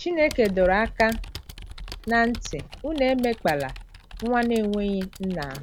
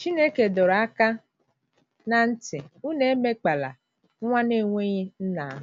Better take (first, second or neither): second